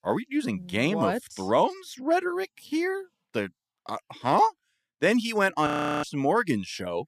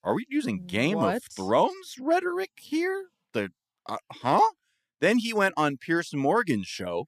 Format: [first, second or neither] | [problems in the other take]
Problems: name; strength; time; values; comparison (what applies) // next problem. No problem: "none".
second | audio freezing; at 5.5 s